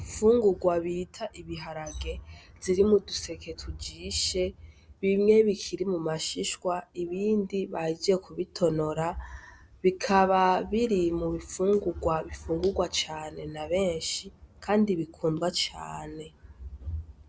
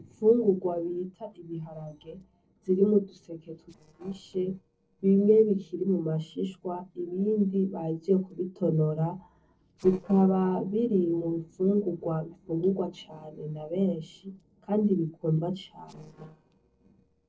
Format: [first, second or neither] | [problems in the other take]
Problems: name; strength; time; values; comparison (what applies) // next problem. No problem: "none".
first | noise reduction (neural separator model SepFormer DNS4)